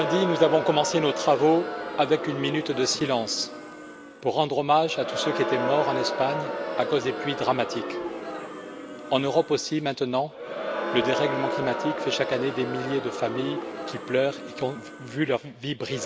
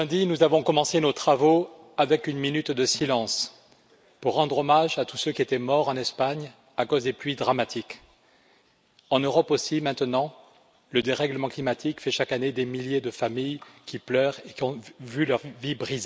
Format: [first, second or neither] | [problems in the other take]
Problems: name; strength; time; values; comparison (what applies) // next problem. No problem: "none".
second | background sound (Crowd); 5 dB below the speech